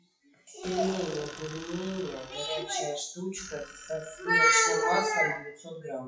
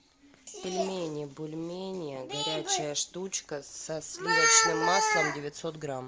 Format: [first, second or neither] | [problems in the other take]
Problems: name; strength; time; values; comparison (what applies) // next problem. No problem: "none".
second | noise reduction (classical method WPE with log-MMSE)